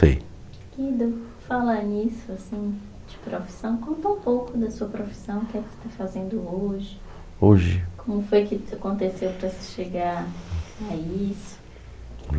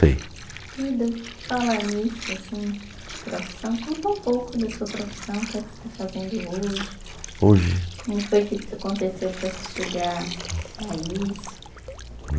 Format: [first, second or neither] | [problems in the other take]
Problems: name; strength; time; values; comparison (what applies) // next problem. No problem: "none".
first | background sound (Water); 13 dB below the speech